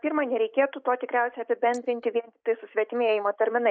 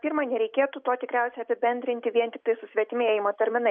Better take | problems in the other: second | noise reduction (neural mask model DeepFilterNet 3)

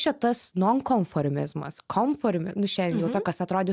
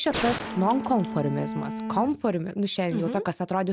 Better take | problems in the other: first | background sound (Gunshot, gunfire + Bowed string instrument); 6 dB below the speech

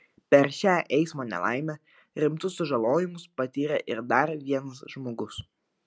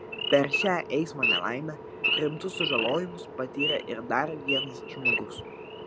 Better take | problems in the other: first | background sound (Idling / Wild animals); 1 dB below the speech

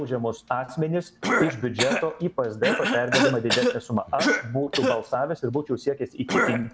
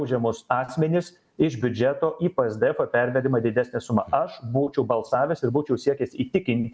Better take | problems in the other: second | background sound (Cough); 1 dB below the speech

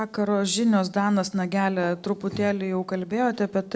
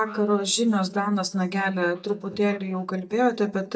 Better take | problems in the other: first | noise reduction (neural mask model DeepFilterNet 3)

